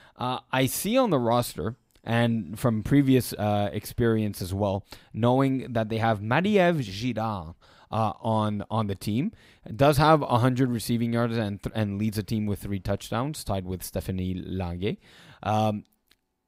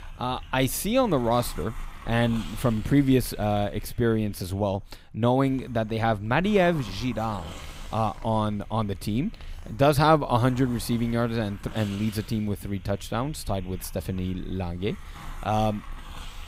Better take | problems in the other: first | hiss; noticeable; throughout; 20 dB below the speech

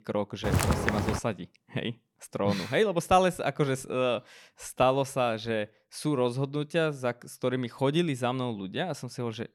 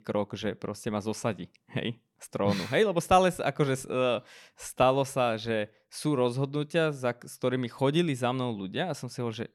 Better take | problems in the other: second | footsteps; loud; at 0.5 s; peak 3 dB above the speech

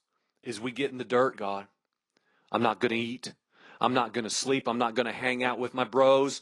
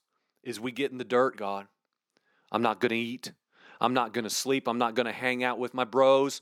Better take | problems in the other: second | garbled, watery; slightly; nothing above 10 kHz

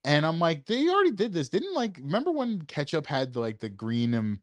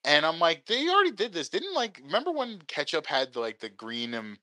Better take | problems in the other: first | thin; somewhat; fading below 500 Hz

